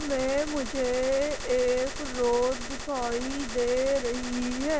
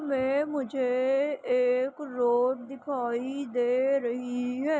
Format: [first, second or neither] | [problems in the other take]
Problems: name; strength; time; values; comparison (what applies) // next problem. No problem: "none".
second | background sound (Gunshot, gunfire); 7 dB below the speech